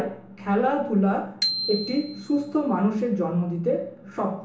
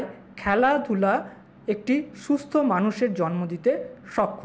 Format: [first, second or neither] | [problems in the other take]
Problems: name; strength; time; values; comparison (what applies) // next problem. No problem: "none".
second | background sound (Bicycle bell); 9 dB below the speech // room echo; dies away in 0.8 s